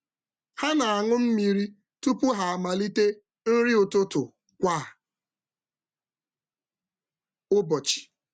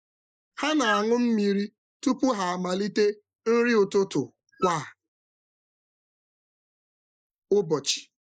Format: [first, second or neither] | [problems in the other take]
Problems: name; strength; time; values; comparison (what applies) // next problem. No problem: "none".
first | noise reduction (neural mask model Resemble Enhance denoiser)